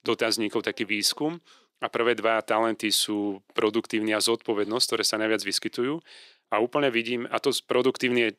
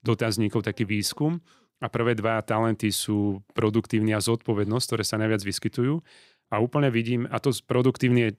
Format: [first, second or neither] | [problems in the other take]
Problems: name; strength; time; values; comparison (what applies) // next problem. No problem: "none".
second | thin; somewhat; fading below 400 Hz